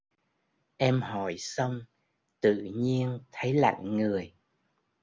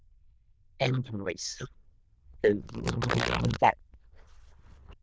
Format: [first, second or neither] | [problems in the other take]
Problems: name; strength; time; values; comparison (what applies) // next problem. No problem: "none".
first | noise reduction (neural diffusion model UNIVERSE++)